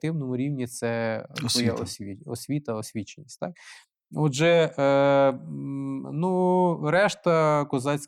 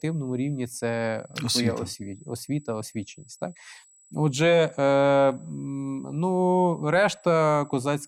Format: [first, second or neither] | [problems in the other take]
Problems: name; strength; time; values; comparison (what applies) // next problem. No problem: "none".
first | high-pitched whine; faint; throughout; 8 kHz, 30 dB below the speech